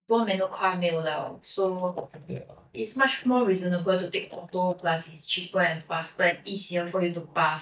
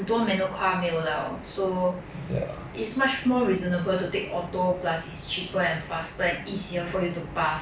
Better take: second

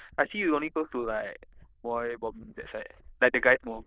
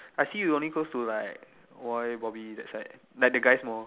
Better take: second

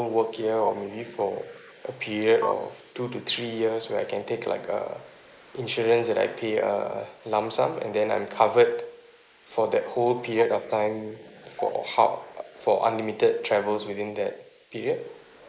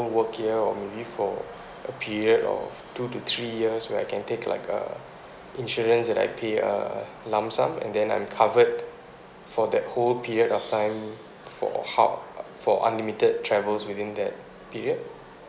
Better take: second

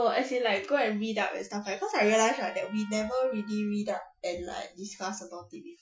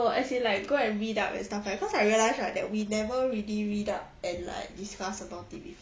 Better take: second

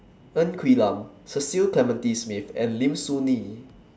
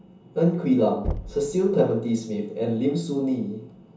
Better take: first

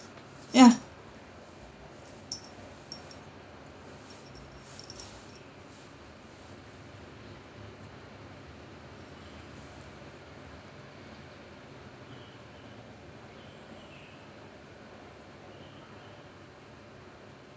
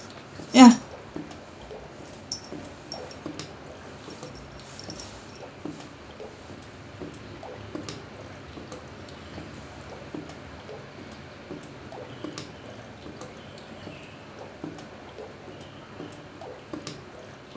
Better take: first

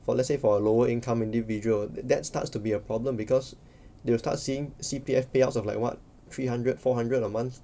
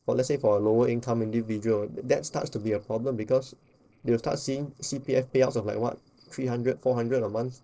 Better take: first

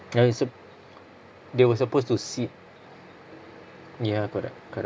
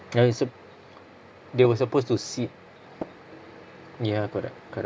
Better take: first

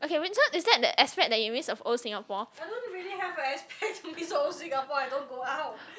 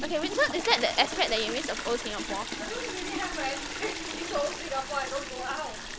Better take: first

